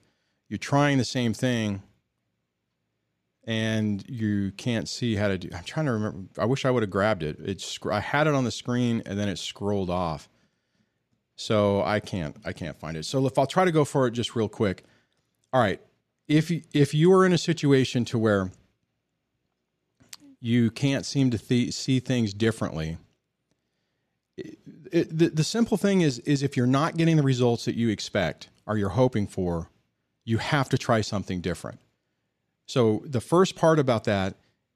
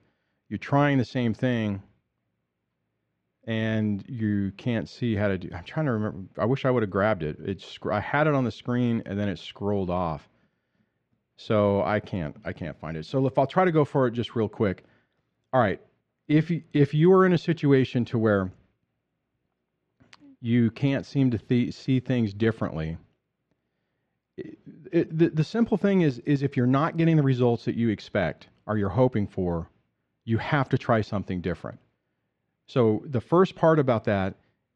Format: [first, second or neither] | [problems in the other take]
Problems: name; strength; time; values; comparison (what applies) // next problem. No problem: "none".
first | muffled; slightly; fading above 2.5 kHz